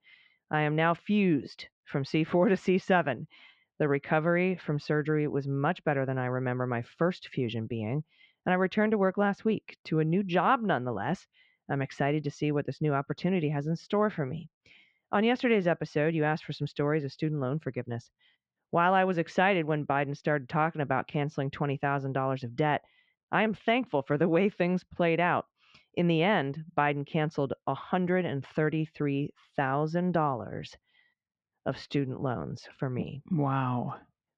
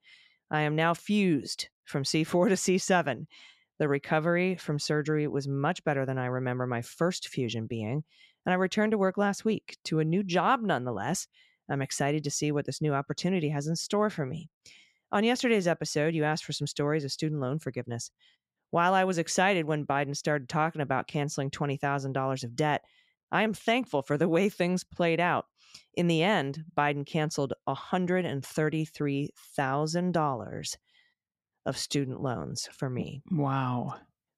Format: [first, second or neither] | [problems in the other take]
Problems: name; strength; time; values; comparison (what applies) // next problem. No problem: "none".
second | muffled; very; fading above 3 kHz